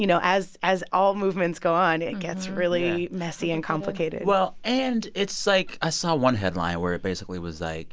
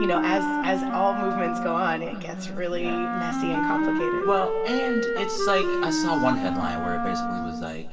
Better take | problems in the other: first | background sound (Wind instrument, woodwind instrument); as loud as the speech // room echo; dies away in 2 s

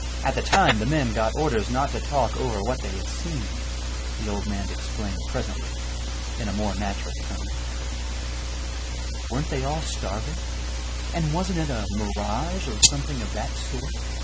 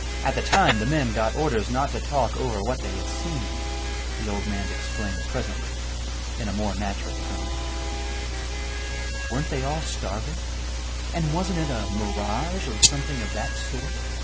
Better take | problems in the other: first | background sound (Harmonica); 13 dB below the speech

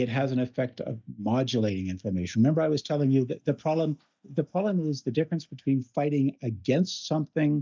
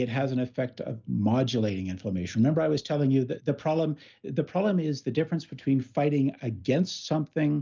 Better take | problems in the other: second | noise reduction (neural mask model DeepFilterNet 3)

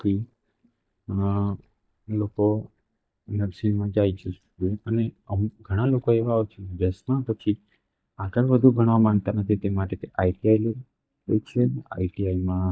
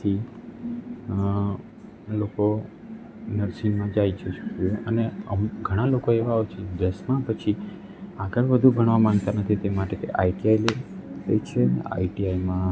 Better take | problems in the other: second | noise reduction (neural mask model DeepFilterNet 3)

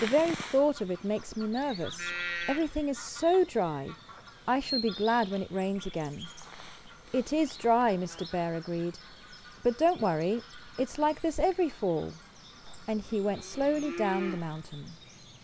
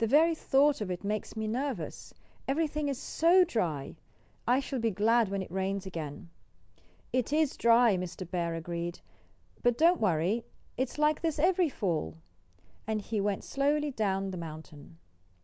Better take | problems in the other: second | background sound (Bird vocalization, bird call, bird song); 13 dB below the speech

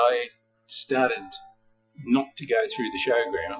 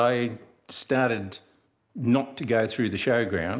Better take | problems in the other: second | noise reduction (classical method Wiener filter)

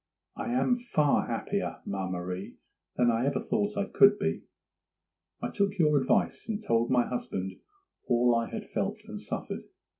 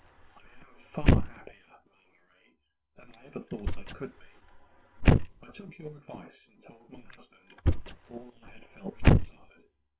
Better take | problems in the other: first | noise reduction (neural separator model SepFormer WHAM!)

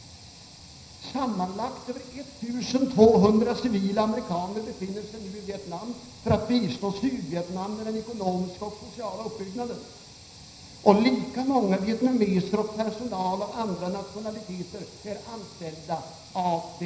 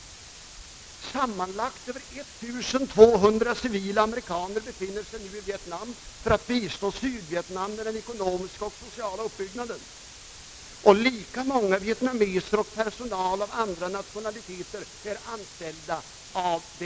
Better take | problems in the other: second | room echo; dies away in 0.9 s

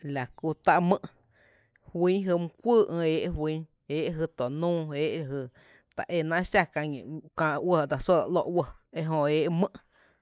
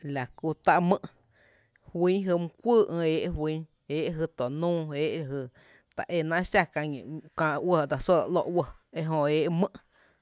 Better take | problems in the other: second | noise reduction (neural mask model Resemble Enhance denoiser)

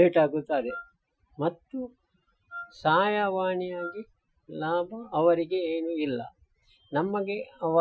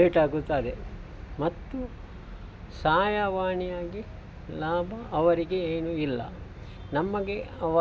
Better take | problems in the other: second | noise reduction (classical method Wiener filter)

